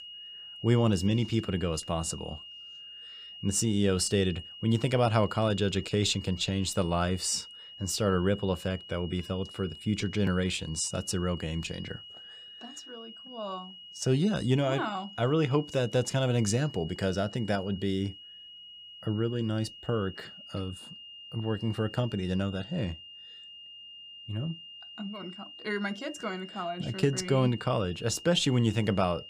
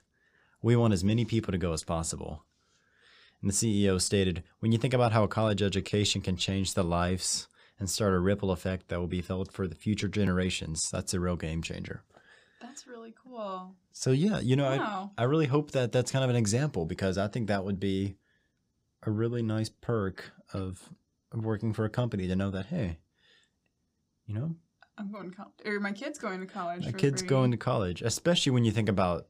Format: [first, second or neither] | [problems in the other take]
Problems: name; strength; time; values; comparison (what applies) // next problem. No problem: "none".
second | high-pitched whine; noticeable; throughout; 3 kHz, 15 dB below the speech